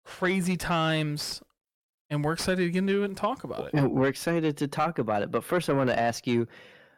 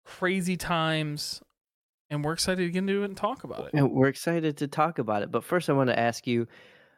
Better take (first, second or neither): second